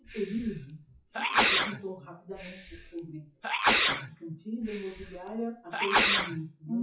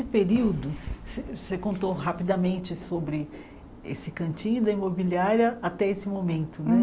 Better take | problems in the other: second | noise reduction (classical method WPE with log-MMSE)

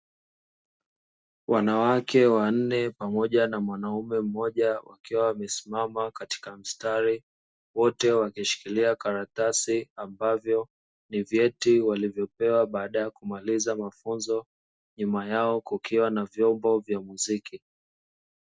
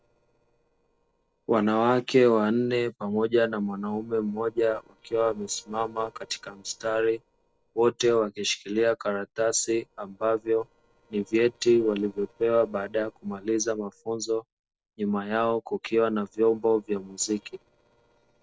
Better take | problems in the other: first | noise reduction (neural separator model SepFormer DNS4)

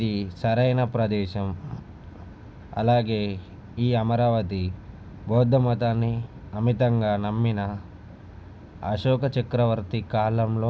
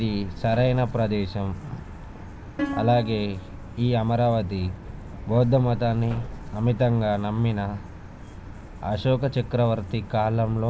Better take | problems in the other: first | background sound (Truck + Plucked string instrument); 13 dB below the speech

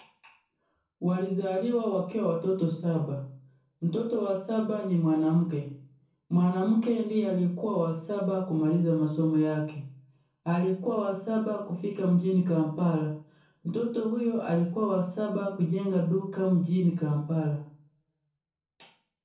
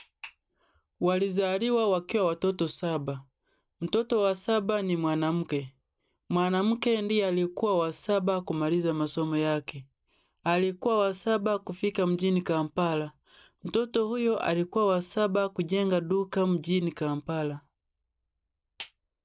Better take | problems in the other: second | room echo; dies away in 0.5 s

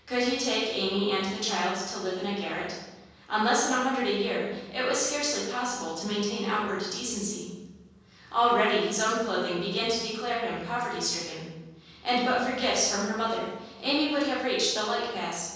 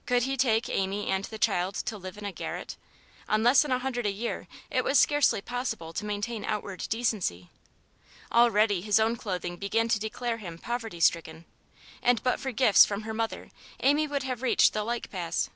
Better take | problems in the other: second | room echo; dies away in 1.3 s

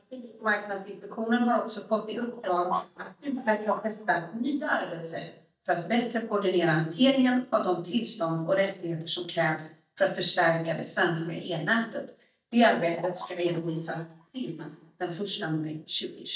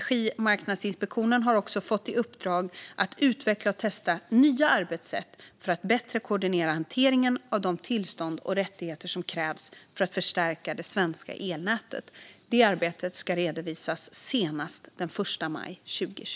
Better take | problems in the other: second | noise reduction (neural mask model DeepFilterNet 3)

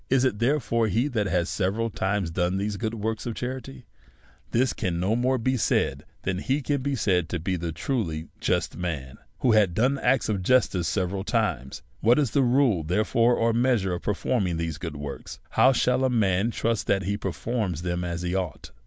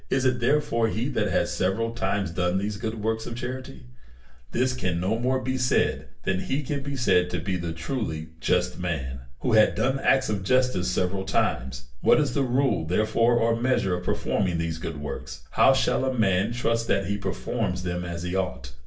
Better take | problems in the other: first | room echo; dies away in 0.3 s

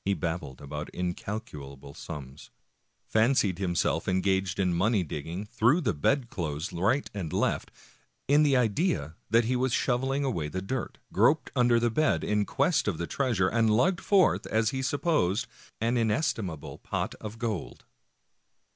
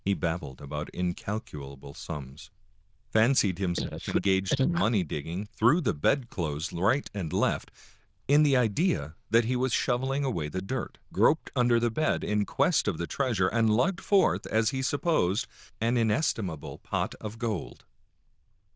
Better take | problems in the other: first | noise reduction (neural diffusion model UNIVERSE++)

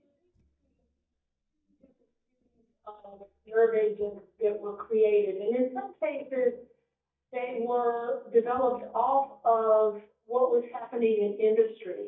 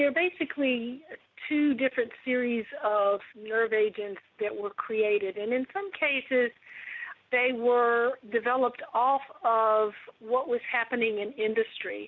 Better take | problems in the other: second | noise reduction (neural mask model DeepFilterNet 3)

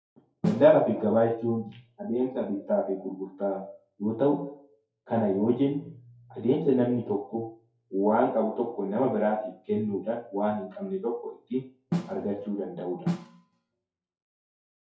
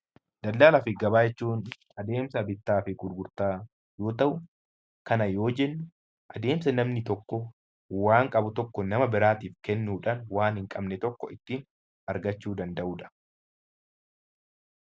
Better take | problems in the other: second | noise reduction (classical method WPE with log-MMSE)

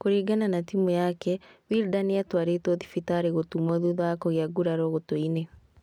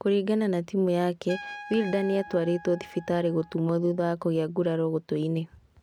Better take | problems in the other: first | background sound (Trumpet); 19 dB below the speech

